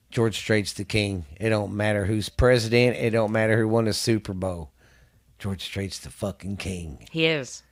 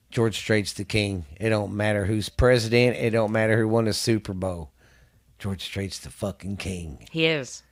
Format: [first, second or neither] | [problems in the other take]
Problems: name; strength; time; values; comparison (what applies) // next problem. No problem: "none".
neither | none